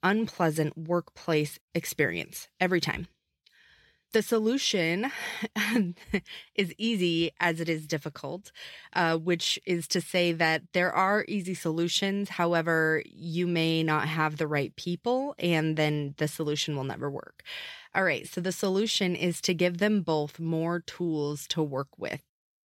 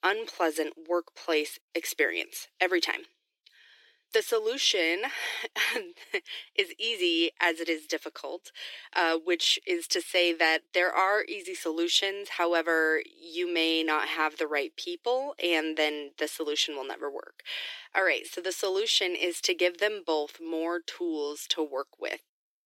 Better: first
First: none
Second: thin; very; fading below 300 Hz

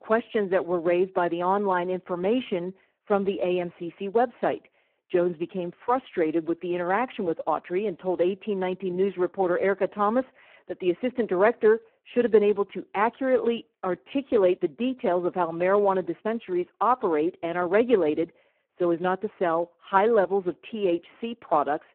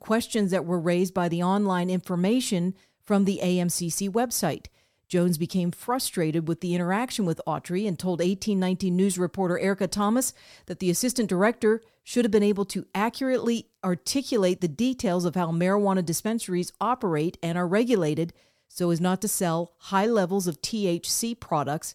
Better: second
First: phone-call audio; poor line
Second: none

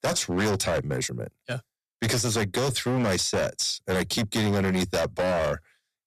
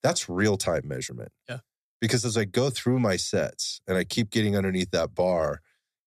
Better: second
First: distortion; heavy; 22% of the sound clipped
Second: none

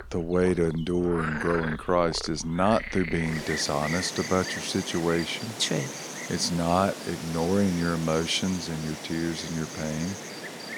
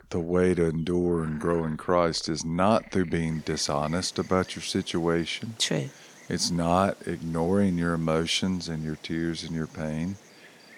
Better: second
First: animal sounds; loud; throughout; 8 dB below the speech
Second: animal sounds; faint; throughout; 25 dB below the speech

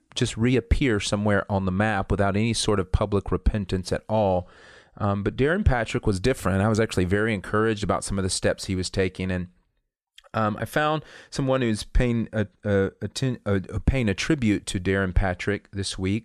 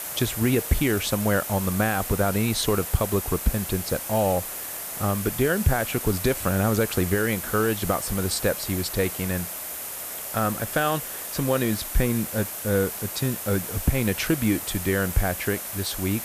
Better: first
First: none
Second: hiss; loud; throughout; 5 dB below the speech

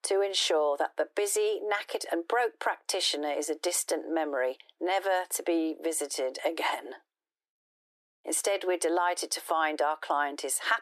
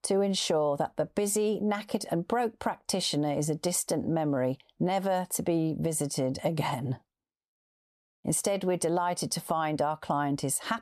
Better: second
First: thin; very; fading below 300 Hz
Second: none

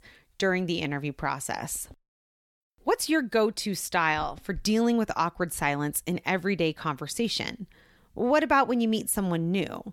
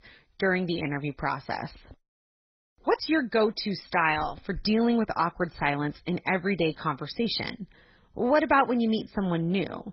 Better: first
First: none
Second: garbled, watery; badly; nothing above 5.5 kHz

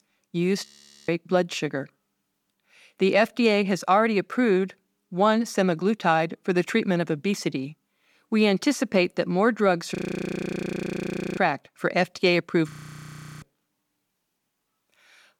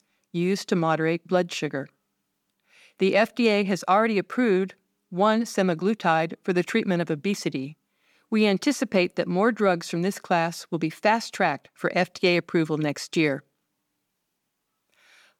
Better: second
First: audio freezing; at 0.5 s, at 10 s for 1.5 s and at 13 s for 0.5 s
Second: none

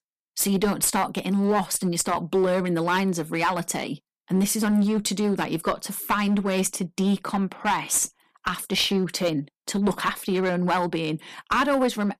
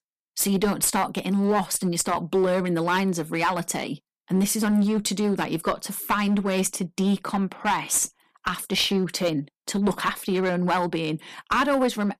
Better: neither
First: distortion; slight; 6% of the sound clipped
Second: distortion; slight; 6% of the sound clipped

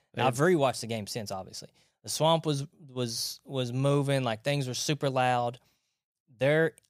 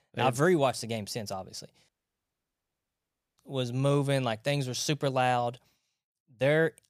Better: first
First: none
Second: audio cutting out; at 2 s for 1.5 s

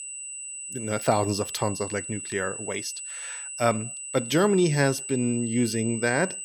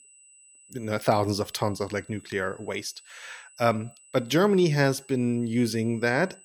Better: second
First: high-pitched whine; loud; throughout; 8 kHz, 7 dB below the speech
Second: high-pitched whine; faint; throughout; 8 kHz, 25 dB below the speech

